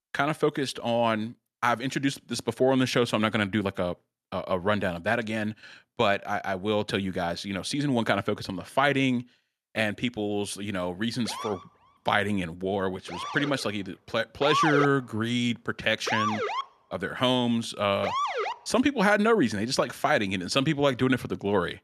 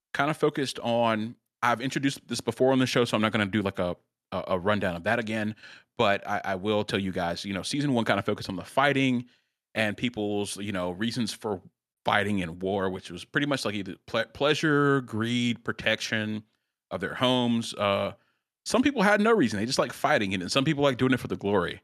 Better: second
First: siren; loud; from 11 to 19 s; peak 2 dB above the speech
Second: none

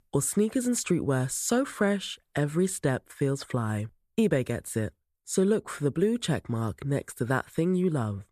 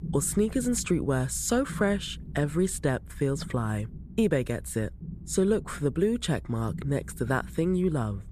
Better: first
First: none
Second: low rumble; faint; throughout; 20 dB below the speech

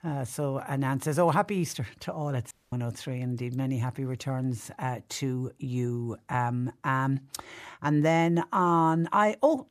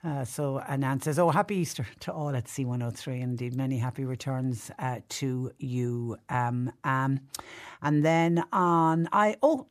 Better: second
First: audio cutting out; at 2.5 s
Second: none

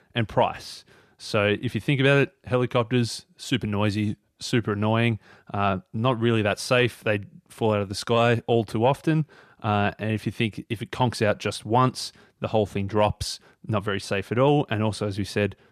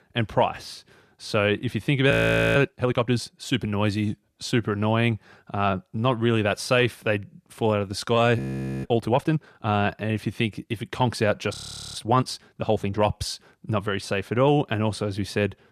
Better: first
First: none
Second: audio freezing; at 2 s, at 8.5 s and at 12 s

